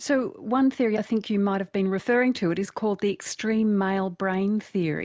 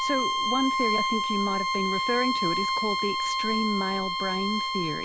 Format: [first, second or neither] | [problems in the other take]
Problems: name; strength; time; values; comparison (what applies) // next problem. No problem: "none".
first | background sound (Bowed string instrument); 3 dB above the speech